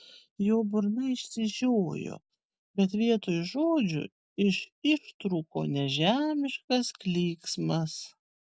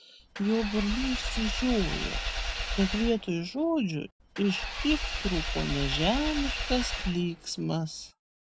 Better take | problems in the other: first | background sound (Engine / Vehicle); 3 dB below the speech

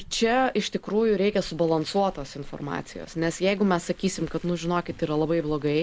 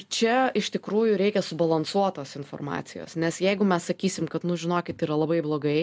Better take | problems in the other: second | background sound (Car); 20 dB below the speech

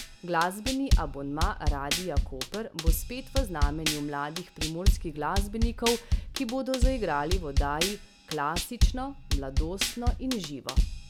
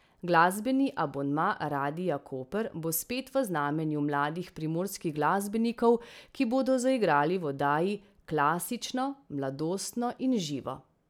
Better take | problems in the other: second | background sound (Drum kit); 4 dB above the speech

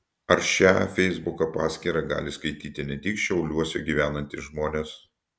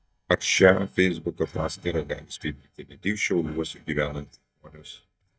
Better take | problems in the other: first | noise reduction (neural mask model DeepFilterNet 3)

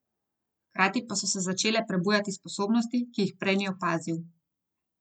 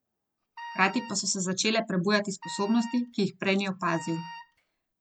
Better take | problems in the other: first | background sound (Wind instrument, woodwind instrument); 15 dB below the speech

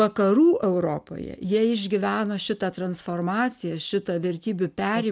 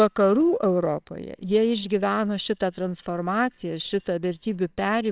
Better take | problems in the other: first | noise reduction (neural separator model SepFormer WHAMR!)

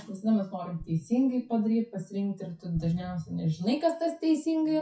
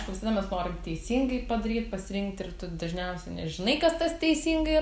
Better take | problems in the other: second | noise reduction (classical method WPE with log-MMSE)

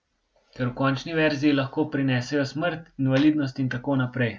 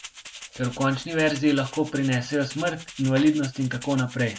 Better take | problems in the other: first | background sound (Rattle (instrument)); 17 dB below the speech

